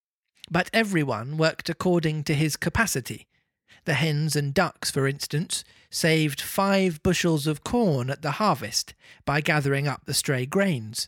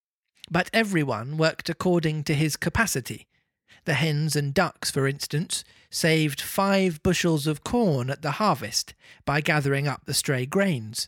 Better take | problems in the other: neither | none

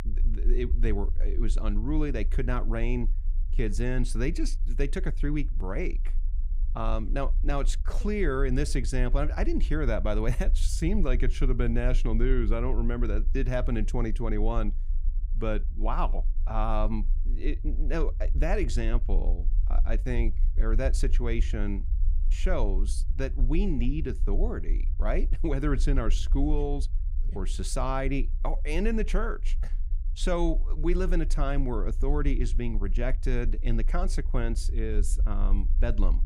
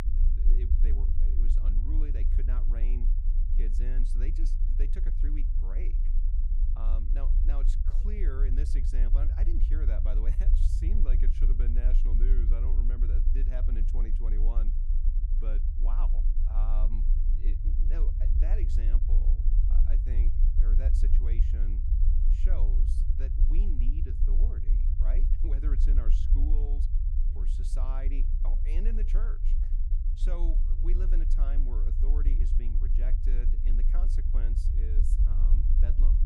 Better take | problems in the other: first | low rumble; loud; throughout; 3 dB below the speech; faint in the first

